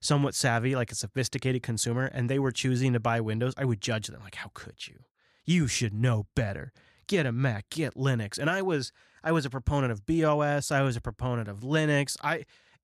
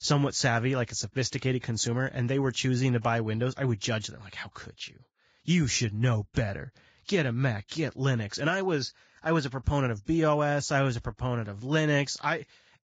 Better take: first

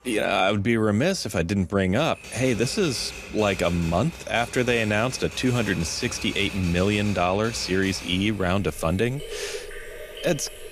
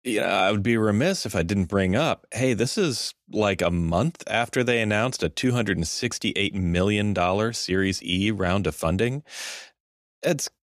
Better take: second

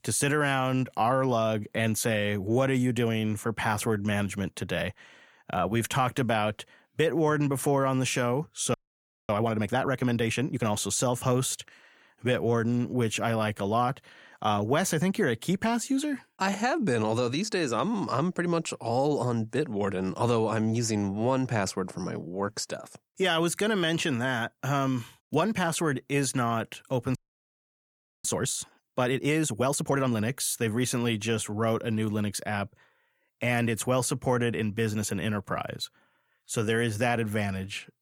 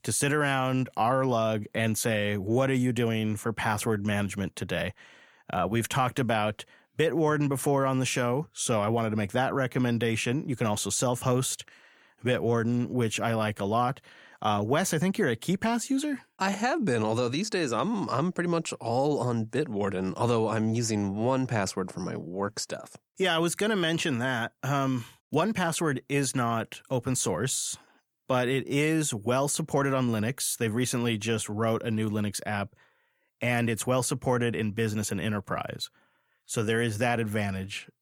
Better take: second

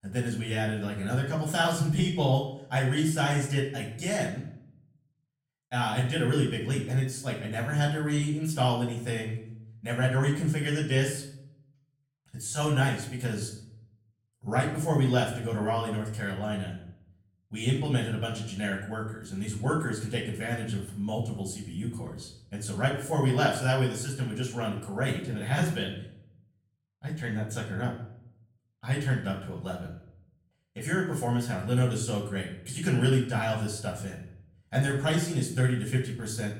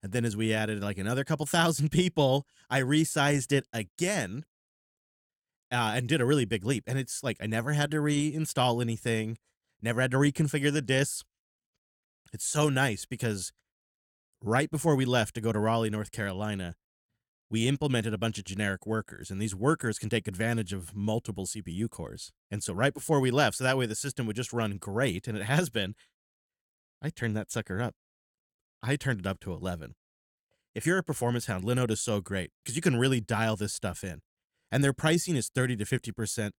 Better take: second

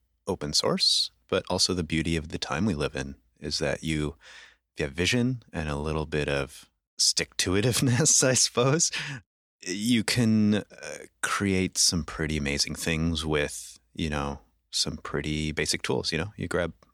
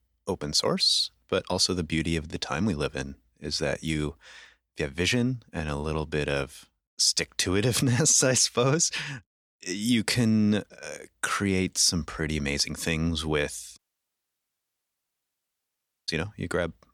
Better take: first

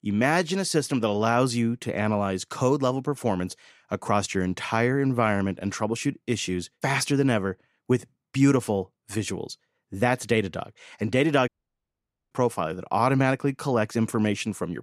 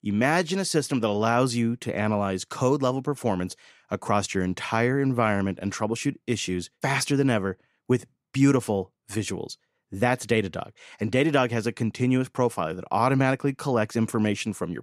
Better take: second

